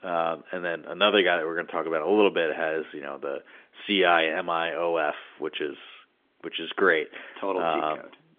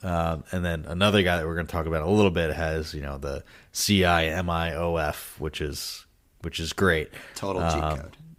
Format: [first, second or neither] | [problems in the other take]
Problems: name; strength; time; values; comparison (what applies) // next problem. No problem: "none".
second | phone-call audio; nothing above 3.5 kHz